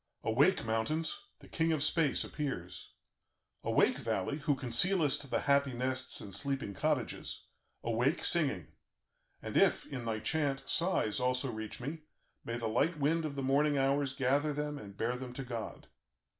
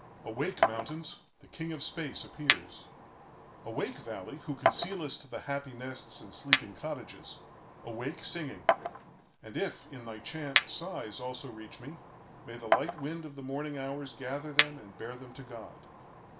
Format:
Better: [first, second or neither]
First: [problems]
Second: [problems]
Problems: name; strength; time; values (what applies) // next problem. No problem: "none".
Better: first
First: none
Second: background sound (Chink, clink); 3 dB above the speech